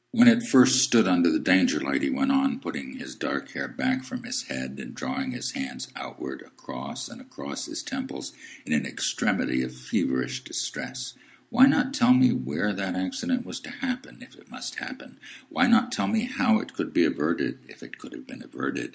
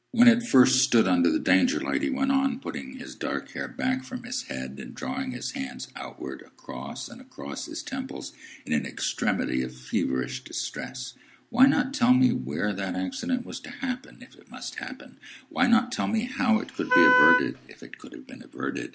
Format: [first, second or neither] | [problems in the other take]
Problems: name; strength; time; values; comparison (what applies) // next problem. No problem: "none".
first | background sound (Wind instrument, woodwind instrument); 3 dB above the speech